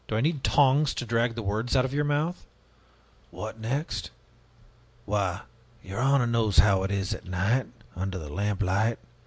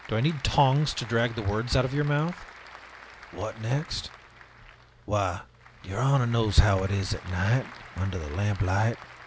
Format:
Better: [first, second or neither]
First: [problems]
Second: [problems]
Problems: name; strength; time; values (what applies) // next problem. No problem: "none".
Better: first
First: none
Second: background sound (Applause / Crowd); 19 dB below the speech